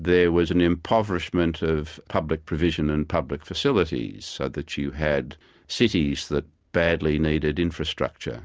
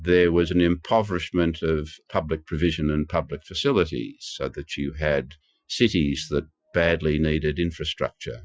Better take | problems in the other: first | noise reduction (classical method Wiener filter)

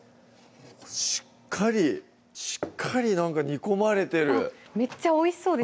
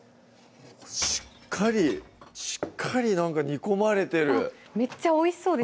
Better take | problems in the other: first | background sound (Shatter / Crushing); 20 dB below the speech

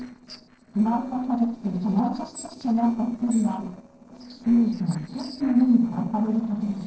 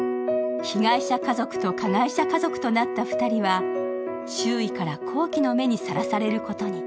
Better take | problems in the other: second | noise reduction (neural separator model SepFormer DNS4)

